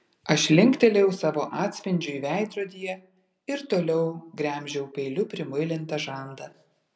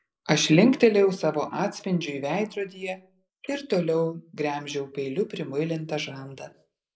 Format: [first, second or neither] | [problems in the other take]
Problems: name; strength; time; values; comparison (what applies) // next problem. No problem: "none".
first | noise reduction (neural mask model Resemble Enhance denoiser)